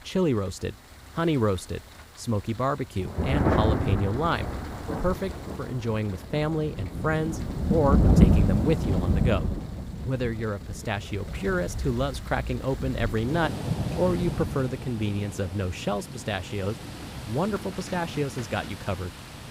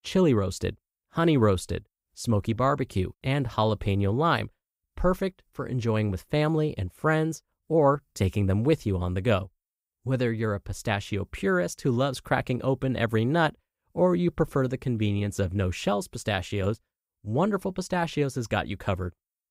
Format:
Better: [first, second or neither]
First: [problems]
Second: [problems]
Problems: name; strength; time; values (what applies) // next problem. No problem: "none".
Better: second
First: rain or running water; loud; throughout; as loud as the speech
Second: none